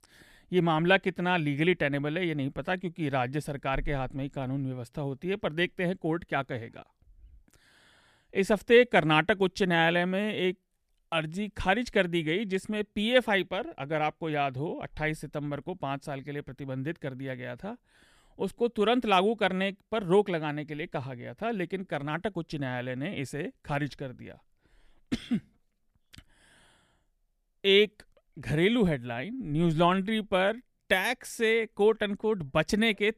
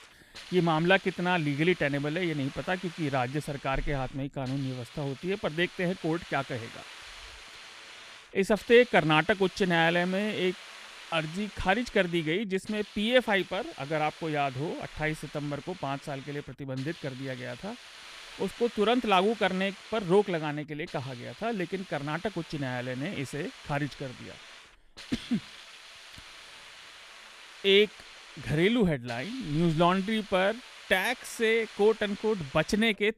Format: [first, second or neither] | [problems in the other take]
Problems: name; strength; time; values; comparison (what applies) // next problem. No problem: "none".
first | hiss; noticeable; throughout; 15 dB below the speech